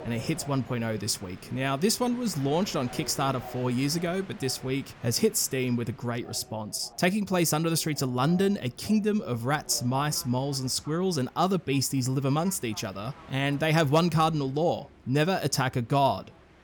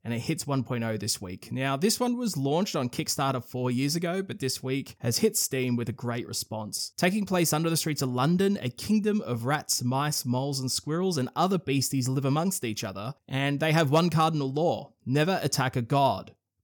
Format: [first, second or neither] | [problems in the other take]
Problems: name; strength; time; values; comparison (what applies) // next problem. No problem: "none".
second | train or aircraft noise; faint; throughout; 20 dB below the speech